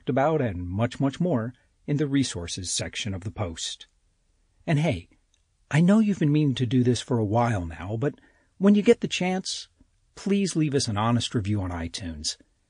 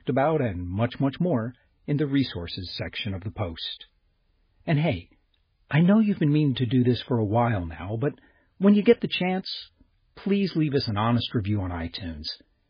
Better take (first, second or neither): first